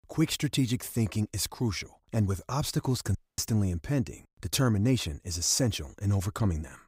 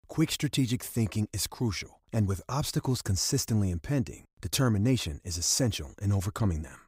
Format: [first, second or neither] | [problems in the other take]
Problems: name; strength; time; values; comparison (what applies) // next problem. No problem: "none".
second | audio cutting out; at 3 s